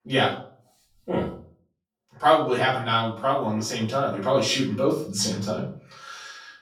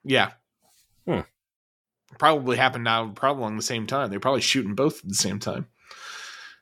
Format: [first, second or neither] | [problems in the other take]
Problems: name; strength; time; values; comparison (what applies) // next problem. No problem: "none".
second | off-mic speech; far // room echo; noticeable; dies away in 0.4 s